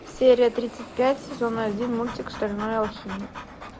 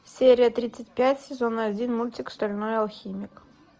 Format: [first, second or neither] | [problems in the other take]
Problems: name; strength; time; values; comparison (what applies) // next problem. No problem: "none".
second | background sound (Aircraft + Dog); 14 dB below the speech